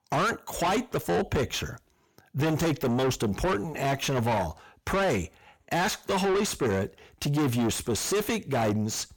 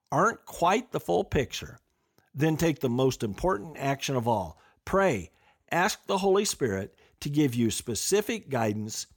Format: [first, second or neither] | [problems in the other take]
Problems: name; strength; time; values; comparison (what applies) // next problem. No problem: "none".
second | distortion; heavy; 5 dB below the speech